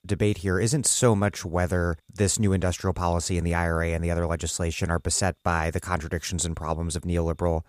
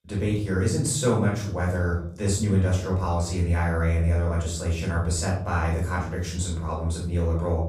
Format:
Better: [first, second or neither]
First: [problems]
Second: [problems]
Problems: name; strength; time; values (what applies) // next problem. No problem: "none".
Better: first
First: none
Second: off-mic speech; far // room echo; noticeable; dies away in 0.6 s